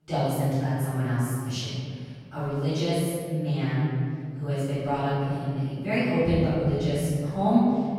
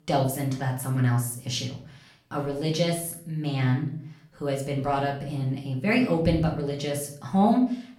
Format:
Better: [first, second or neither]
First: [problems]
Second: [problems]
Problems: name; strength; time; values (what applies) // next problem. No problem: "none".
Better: second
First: room echo; strong; dies away in 2.3 s // off-mic speech; far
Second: room echo; slight; dies away in 0.4 s // off-mic speech; far